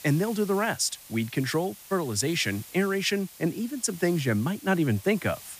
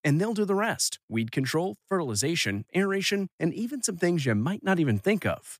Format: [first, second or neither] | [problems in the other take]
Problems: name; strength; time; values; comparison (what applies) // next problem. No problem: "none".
second | hiss; noticeable; throughout; 15 dB below the speech